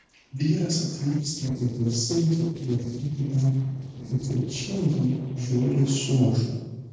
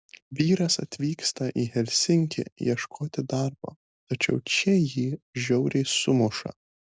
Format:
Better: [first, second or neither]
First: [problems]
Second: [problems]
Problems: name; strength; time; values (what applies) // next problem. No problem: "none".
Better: second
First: noise reduction (neural separator model SepFormer DNS4)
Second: none